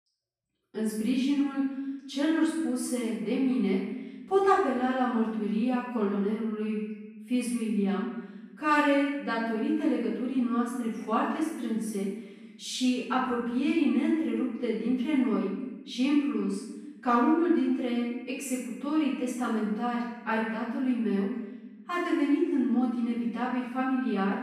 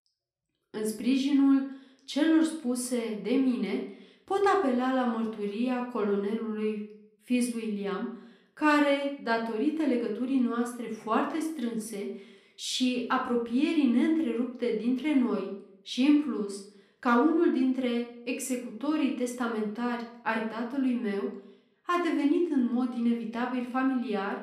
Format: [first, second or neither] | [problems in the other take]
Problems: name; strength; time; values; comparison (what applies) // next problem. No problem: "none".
second | room echo; strong; dies away in 1.1 s; slight in the second // off-mic speech; far; somewhat distant in the second